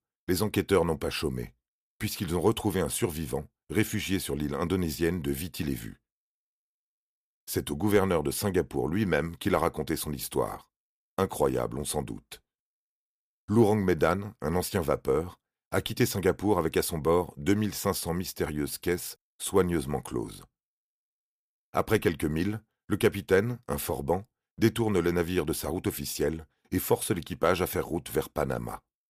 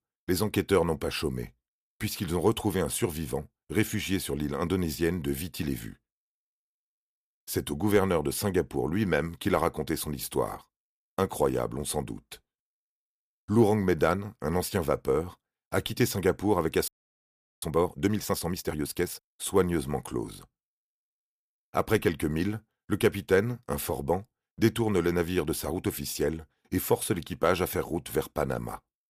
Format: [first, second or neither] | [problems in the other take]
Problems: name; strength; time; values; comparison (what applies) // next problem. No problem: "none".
first | audio freezing; at 17 s for 0.5 s